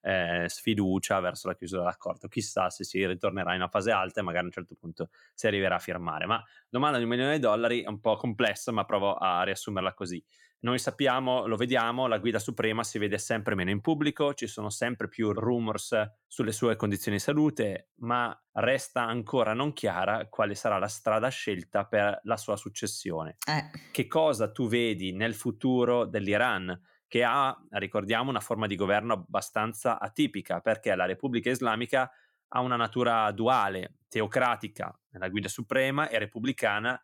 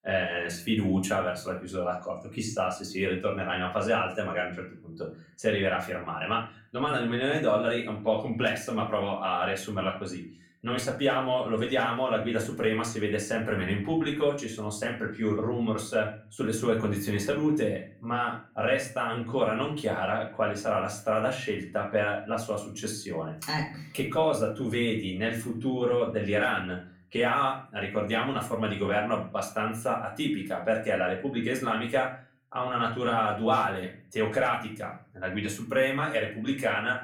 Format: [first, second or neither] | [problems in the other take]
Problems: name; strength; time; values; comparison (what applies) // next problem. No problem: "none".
first | room echo; slight; dies away in 0.4 s // off-mic speech; far